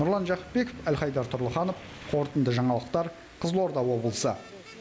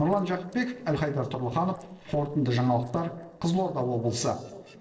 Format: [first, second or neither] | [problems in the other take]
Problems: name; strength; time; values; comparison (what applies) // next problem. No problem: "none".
first | noise reduction (neural separator model SepFormer DNS4)